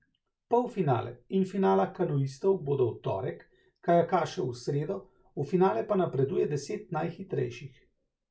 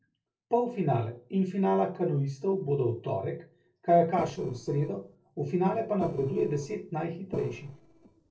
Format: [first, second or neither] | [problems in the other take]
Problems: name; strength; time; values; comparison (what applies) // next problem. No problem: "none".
first | noise reduction (neural separator model SepFormer DNS4)